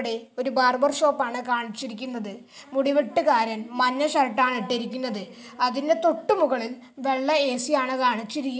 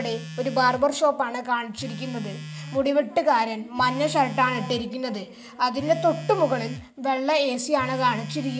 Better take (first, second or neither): first